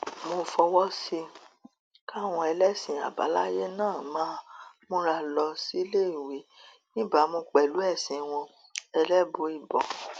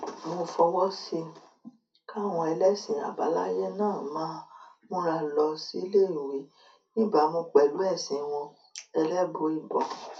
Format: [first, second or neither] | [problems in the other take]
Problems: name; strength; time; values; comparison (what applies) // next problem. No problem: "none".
first | room echo; dies away in 0.3 s